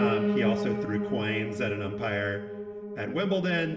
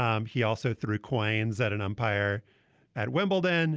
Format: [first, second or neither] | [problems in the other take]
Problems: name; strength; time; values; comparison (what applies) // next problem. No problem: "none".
second | background sound (Piano); as loud as the speech // room echo; dies away in 0.8 s